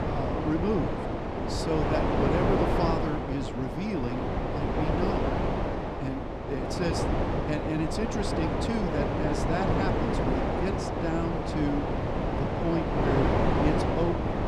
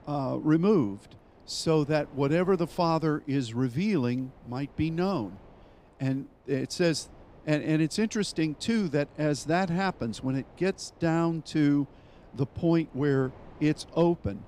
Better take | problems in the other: second | wind noise on the microphone; heavy; 5 dB above the speech; occasional gusts in the second

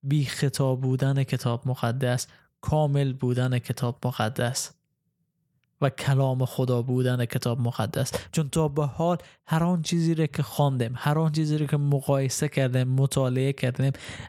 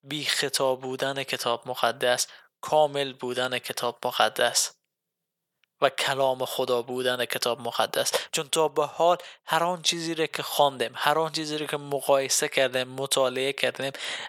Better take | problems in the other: first | thin; very; fading below 600 Hz

